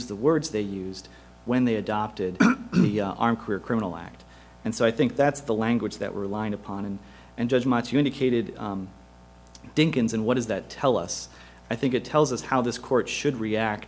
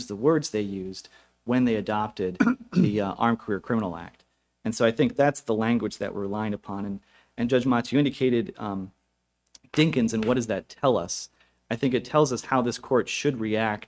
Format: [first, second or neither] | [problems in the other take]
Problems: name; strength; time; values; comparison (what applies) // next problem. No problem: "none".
first | noise reduction (neural mask model RNNoise)